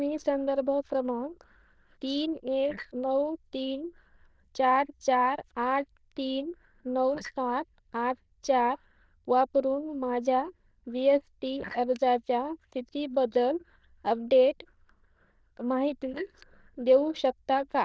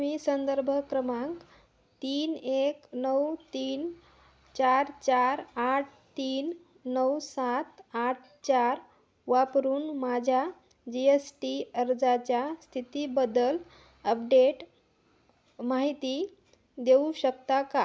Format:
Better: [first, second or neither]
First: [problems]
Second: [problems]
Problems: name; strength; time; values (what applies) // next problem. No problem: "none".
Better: second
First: noise reduction (neural diffusion model UNIVERSE++)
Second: none